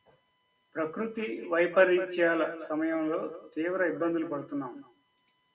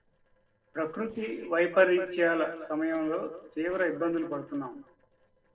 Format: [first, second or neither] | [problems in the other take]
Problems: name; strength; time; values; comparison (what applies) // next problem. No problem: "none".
first | noise reduction (neural separator model SepFormer DNS4)